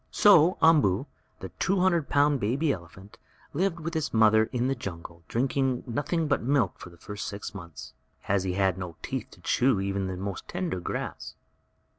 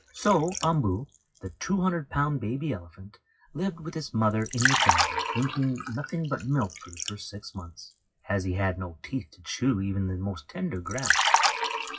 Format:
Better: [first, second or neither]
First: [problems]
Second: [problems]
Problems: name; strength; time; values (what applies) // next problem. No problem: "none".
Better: first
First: none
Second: noise reduction (classical method WPE with log-MMSE)